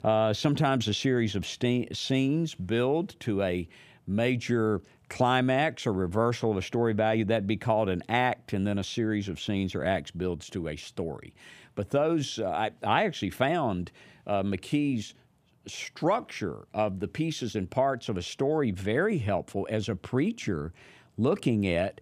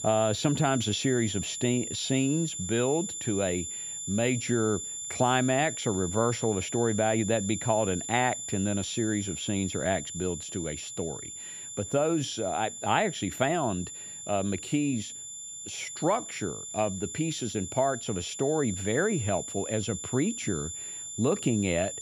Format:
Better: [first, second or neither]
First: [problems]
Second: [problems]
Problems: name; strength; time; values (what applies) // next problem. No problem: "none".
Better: first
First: none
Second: high-pitched whine; loud; throughout; 7 kHz, 6 dB below the speech